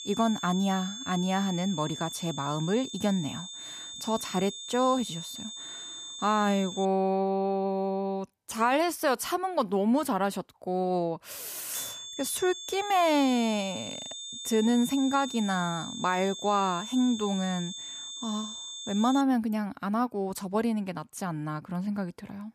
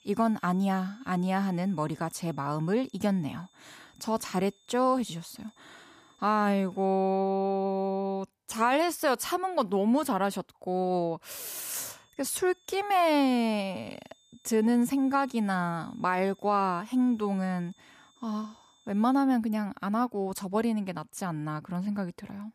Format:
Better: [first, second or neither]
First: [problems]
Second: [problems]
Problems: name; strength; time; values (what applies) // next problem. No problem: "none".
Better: second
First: high-pitched whine; loud; until 7 s and from 12 to 19 s; 3.5 kHz, 9 dB below the speech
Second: high-pitched whine; faint; until 7 s and from 12 to 19 s; 3.5 kHz, 35 dB below the speech